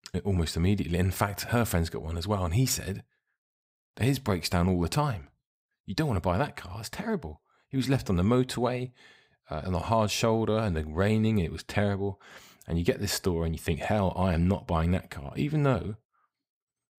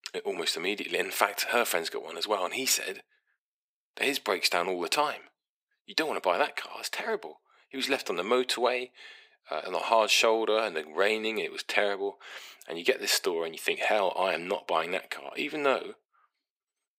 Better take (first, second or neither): first